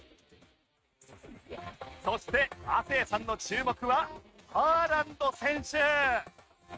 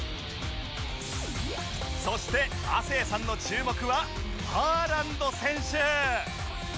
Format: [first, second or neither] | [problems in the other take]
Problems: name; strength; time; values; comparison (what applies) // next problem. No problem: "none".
second | noise reduction (neural mask model RNNoise)